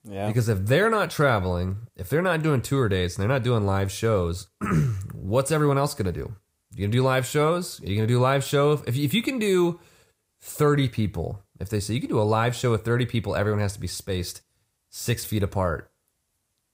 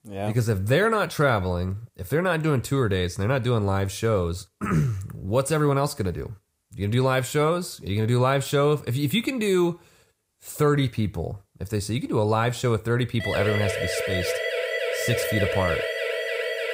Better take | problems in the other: first | siren; noticeable; from 13 s on; peak 1 dB below the speech

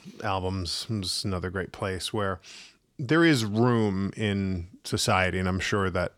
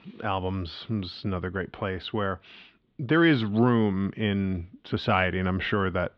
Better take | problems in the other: first | muffled; slightly; fading above 3.5 kHz

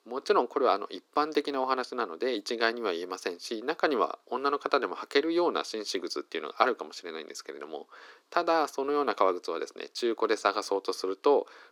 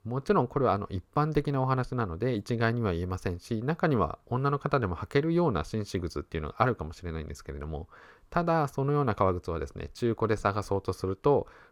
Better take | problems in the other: second | thin; somewhat; fading below 300 Hz

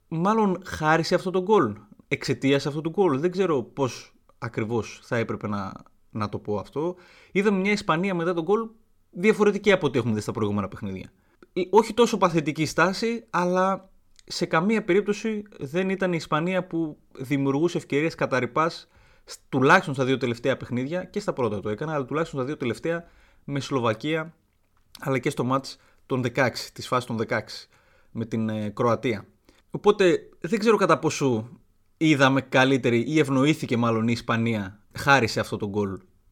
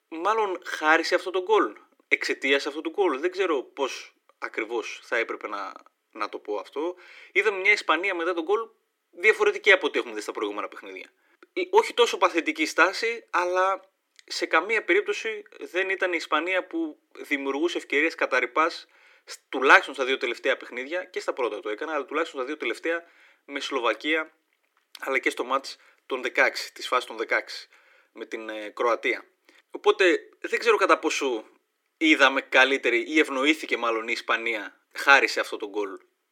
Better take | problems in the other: first | thin; very; fading below 300 Hz

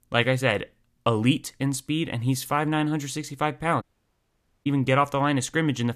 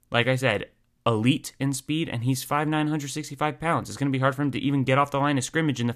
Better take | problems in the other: second | audio cutting out; at 4 s for 1 s

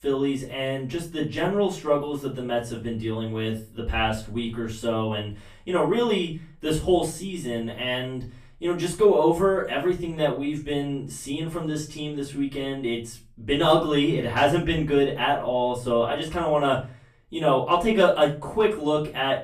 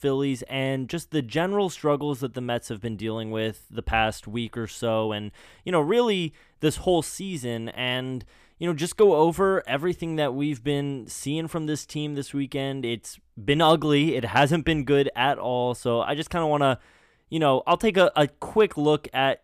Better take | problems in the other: second | off-mic speech; far // room echo; slight; dies away in 0.3 s

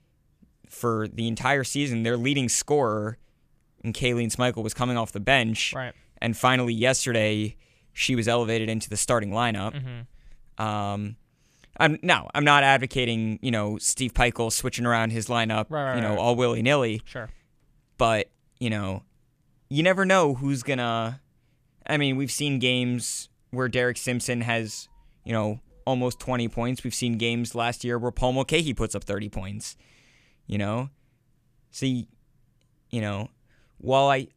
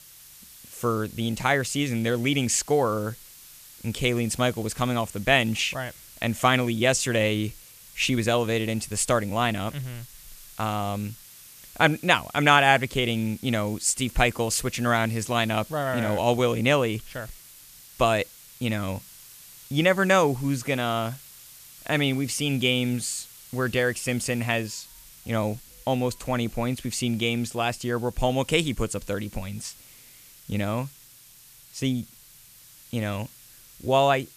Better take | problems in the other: first | hiss; faint; throughout; 20 dB below the speech

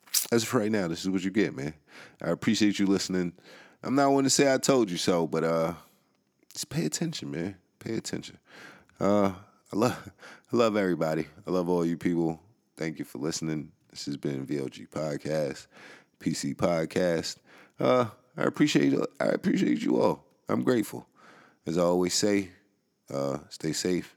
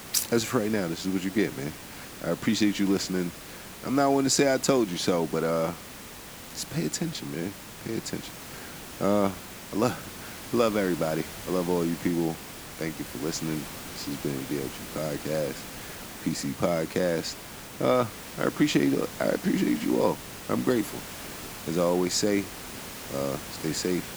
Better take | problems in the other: first | hiss; noticeable; throughout; 10 dB below the speech

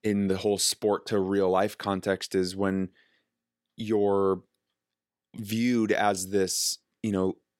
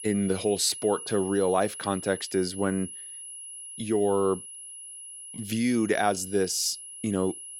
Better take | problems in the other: first | high-pitched whine; noticeable; throughout; 10.5 kHz, 10 dB below the speech

